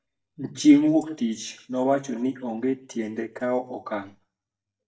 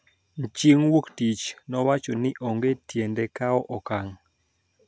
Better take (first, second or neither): second